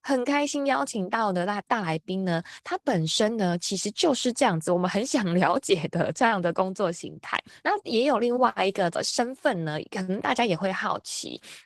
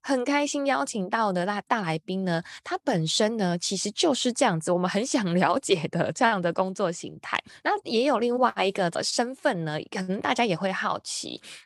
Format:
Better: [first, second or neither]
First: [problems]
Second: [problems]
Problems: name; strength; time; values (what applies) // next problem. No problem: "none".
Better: second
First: garbled, watery; slightly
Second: none